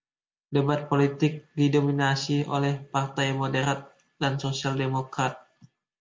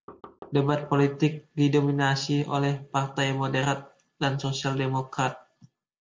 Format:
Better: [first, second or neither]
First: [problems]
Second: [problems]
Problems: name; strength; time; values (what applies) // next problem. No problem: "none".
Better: first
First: none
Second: noise reduction (neural separator model SepFormer DNS4)